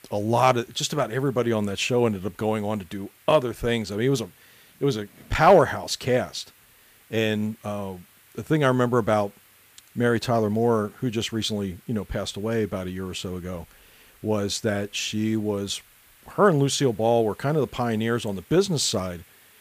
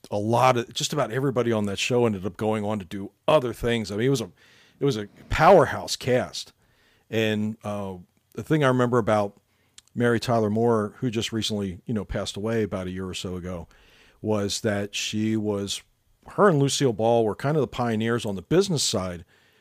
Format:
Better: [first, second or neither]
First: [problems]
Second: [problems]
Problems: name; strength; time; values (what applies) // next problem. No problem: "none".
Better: second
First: hiss; faint; throughout; 30 dB below the speech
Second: none